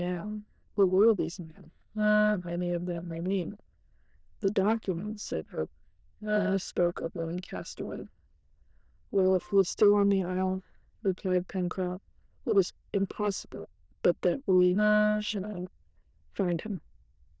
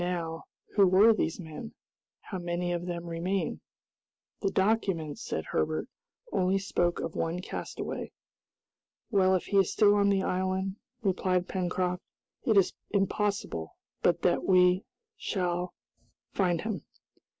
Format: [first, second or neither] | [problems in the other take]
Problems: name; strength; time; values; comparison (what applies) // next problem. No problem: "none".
second | noise reduction (neural diffusion model UNIVERSE++)